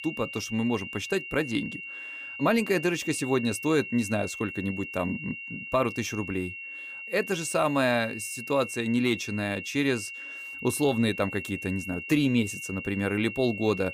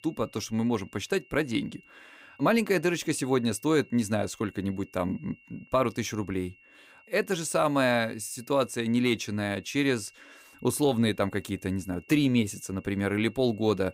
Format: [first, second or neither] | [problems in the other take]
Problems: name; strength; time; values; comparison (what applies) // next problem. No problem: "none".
second | high-pitched whine; loud; throughout; 3 kHz, 9 dB below the speech; faint in the second